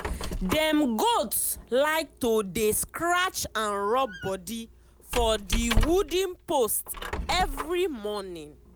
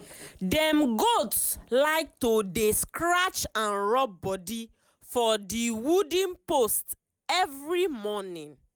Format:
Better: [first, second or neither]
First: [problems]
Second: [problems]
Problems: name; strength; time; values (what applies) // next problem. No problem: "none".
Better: second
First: background sound (Squeak); 7 dB below the speech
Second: none